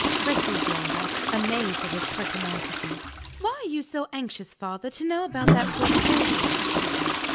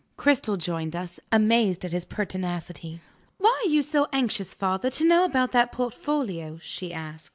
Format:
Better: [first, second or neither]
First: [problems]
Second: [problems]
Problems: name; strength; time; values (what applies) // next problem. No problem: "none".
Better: second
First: background sound (Toilet flush / Water); 5 dB above the speech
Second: none